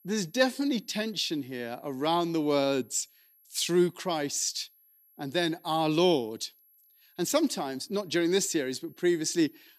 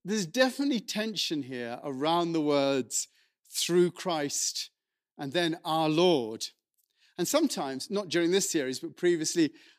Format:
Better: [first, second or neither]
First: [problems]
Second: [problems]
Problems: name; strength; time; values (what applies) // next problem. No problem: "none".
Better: second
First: high-pitched whine; faint; throughout; 11.5 kHz, 30 dB below the speech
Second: none